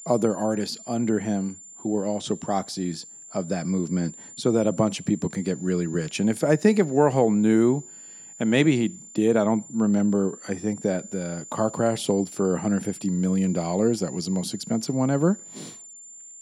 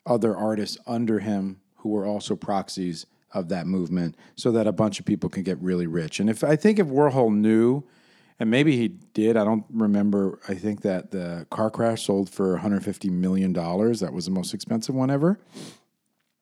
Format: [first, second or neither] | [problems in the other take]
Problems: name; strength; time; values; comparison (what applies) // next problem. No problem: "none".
second | high-pitched whine; noticeable; throughout; 7 kHz, 15 dB below the speech